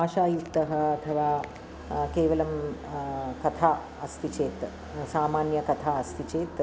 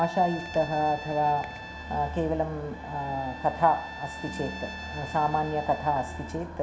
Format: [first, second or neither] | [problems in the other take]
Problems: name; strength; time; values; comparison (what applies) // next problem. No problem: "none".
first | background sound (Trumpet); 14 dB below the speech // room echo; dies away in 0.6 s